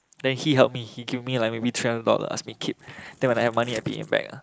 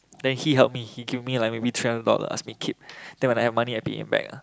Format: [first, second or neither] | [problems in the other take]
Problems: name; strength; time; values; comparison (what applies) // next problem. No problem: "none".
second | noise reduction (neural mask model Resemble Enhance denoiser)